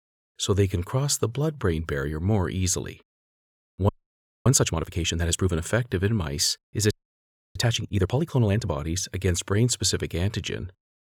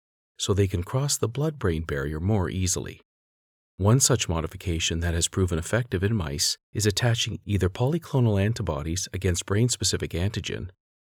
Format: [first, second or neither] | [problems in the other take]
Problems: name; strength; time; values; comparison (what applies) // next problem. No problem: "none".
second | audio freezing; at 4 s for 0.5 s and at 7 s for 0.5 s